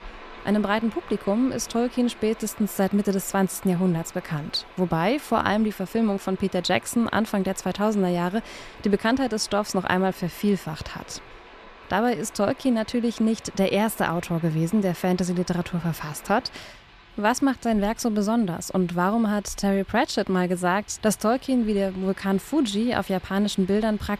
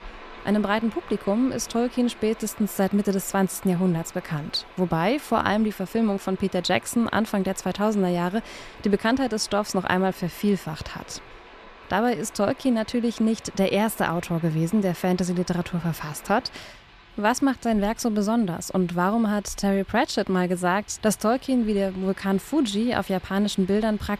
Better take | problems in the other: neither | rain or running water; faint; throughout; 20 dB below the speech; the same in both

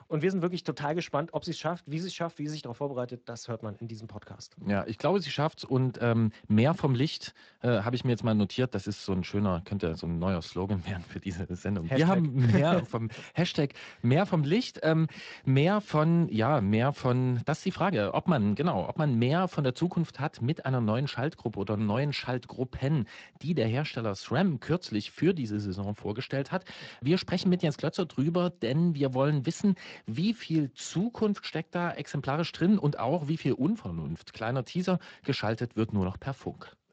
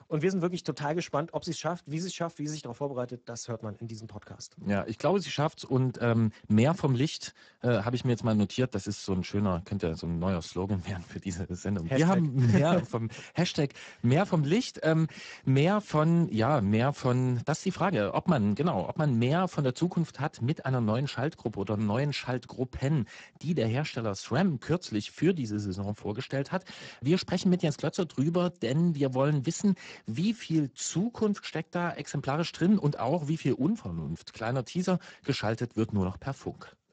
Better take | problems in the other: first | garbled, watery; badly; nothing above 7.5 kHz; slightly in the first

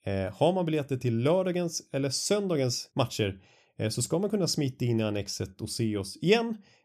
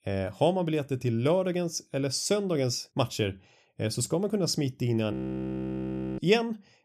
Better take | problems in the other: first | audio freezing; at 5 s for 1 s

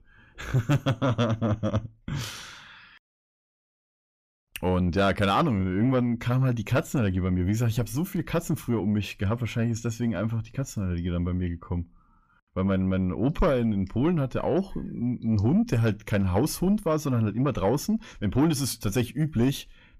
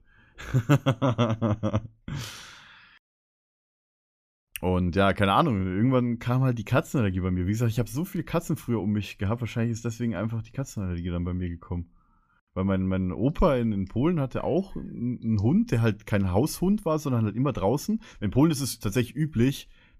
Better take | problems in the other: second | distortion; slight; 10 dB below the speech

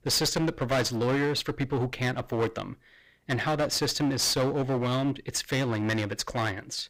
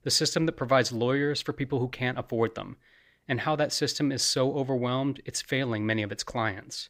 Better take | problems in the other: second | distortion; heavy; 14% of the sound clipped

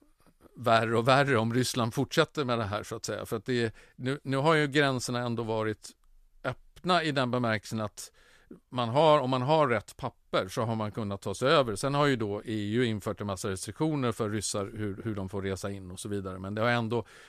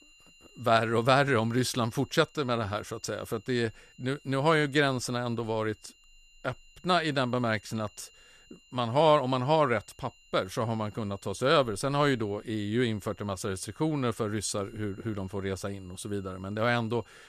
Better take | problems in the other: first | high-pitched whine; faint; throughout; 3 kHz, 30 dB below the speech

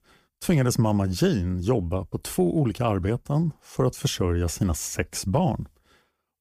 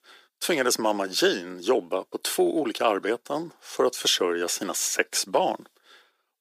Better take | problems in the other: first | thin; very; fading below 350 Hz

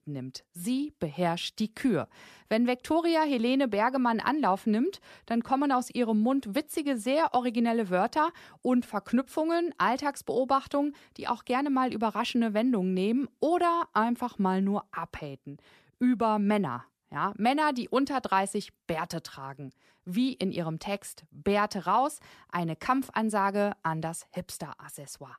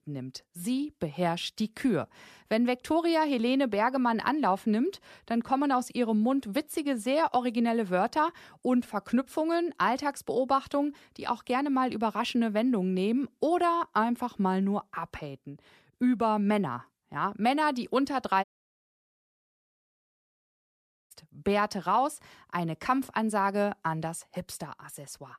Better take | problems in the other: first | audio cutting out; at 18 s for 2.5 s

